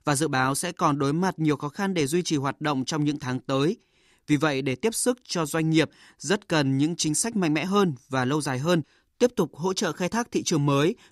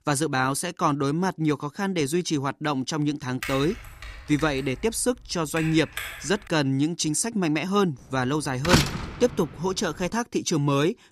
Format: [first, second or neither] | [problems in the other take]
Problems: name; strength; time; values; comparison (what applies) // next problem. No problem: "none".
first | keyboard typing; noticeable; from 3.5 to 6.5 s; peak 8 dB below the speech // door banging; loud; at 8.5 s; peak 3 dB above the speech